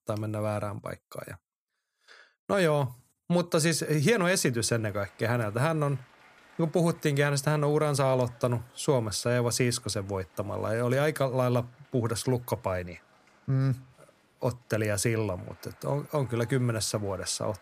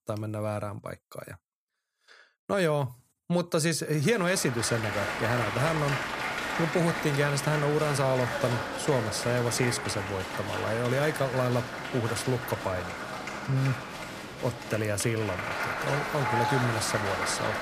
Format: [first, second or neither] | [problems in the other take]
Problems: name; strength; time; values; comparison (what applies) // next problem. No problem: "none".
first | crowd noise; loud; from 4.5 s on; 3 dB below the speech; faint in the first